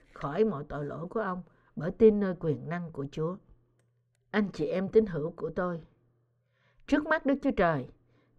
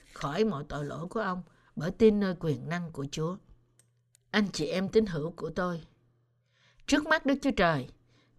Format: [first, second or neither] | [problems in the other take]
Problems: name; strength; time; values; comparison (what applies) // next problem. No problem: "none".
second | muffled; slightly; fading above 3 kHz